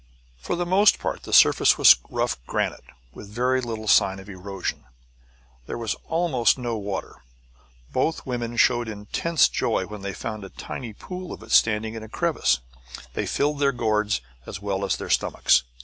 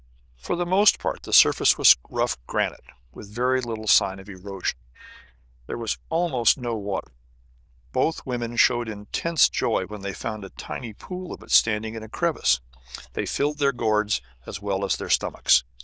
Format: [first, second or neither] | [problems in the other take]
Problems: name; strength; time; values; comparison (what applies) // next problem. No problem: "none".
first | noise reduction (neural diffusion model UNIVERSE++)